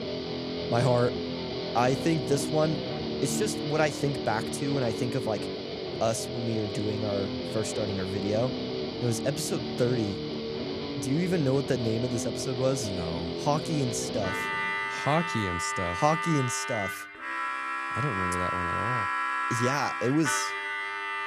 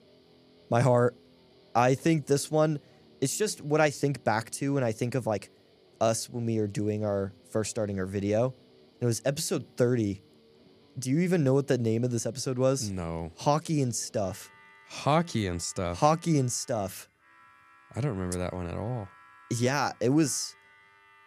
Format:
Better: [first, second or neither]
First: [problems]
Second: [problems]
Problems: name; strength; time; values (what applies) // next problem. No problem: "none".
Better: second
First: background music; loud; throughout; 2 dB below the speech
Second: background music; faint; throughout; 30 dB below the speech